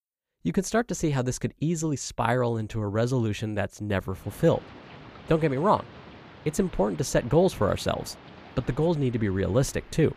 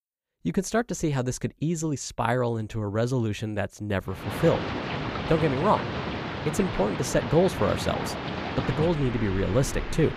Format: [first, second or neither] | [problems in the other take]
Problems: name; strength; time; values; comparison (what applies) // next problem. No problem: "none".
first | rain or running water; loud; from 4 s on; 5 dB below the speech; faint in the first